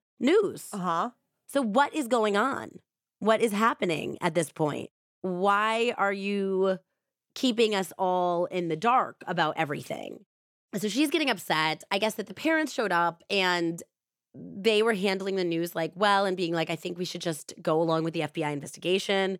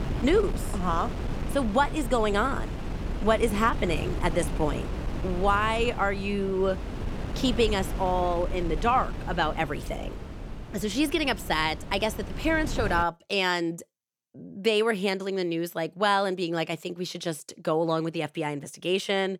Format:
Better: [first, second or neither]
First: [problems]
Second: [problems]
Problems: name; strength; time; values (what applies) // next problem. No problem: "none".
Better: first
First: none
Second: wind noise on the microphone; occasional gusts; until 13 s; 15 dB below the speech